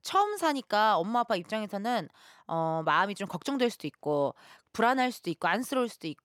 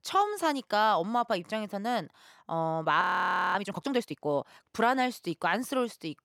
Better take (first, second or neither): first